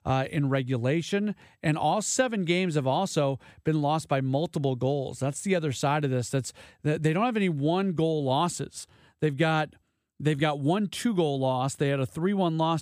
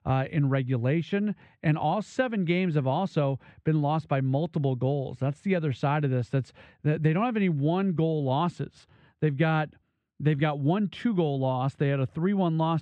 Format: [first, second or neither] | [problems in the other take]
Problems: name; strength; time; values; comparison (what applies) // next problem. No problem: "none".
first | muffled; very; fading above 2.5 kHz